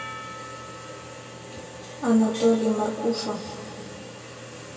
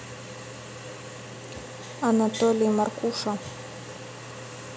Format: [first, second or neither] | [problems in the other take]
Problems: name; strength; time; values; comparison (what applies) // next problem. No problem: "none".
second | background sound (Percussion); 18 dB below the speech // room echo; dies away in 2.6 s